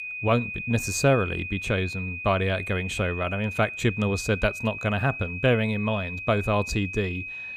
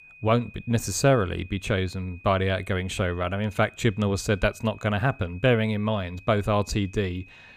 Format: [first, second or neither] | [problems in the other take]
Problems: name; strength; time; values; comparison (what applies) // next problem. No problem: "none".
second | high-pitched whine; loud; throughout; 2.5 kHz, 7 dB below the speech; faint in the second